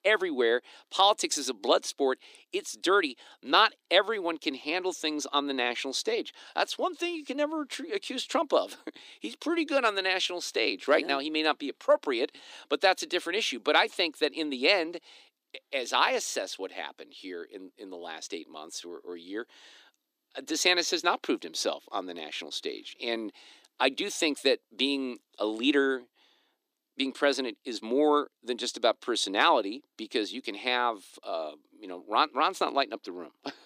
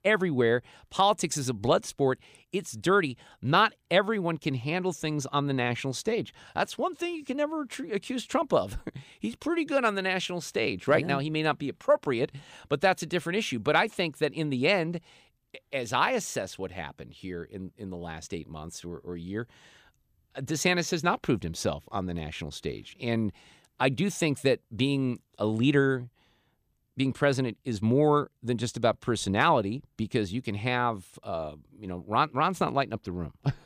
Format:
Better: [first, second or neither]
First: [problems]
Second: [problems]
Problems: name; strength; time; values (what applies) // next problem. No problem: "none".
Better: second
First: thin; very slightly; fading below 300 Hz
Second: none